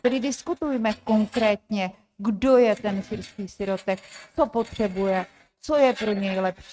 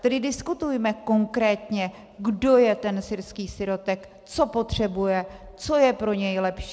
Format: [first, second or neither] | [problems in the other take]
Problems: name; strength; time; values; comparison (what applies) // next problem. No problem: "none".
second | noise reduction (neural mask model RNNoise)